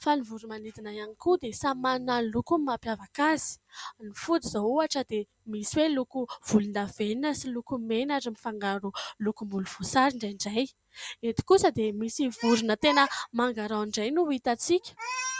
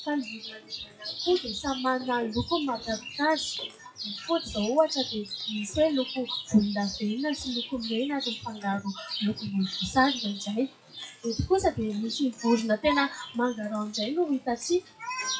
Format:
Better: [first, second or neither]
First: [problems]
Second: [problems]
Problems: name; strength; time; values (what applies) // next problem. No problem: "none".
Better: first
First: none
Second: noise reduction (classical method WPE with log-MMSE)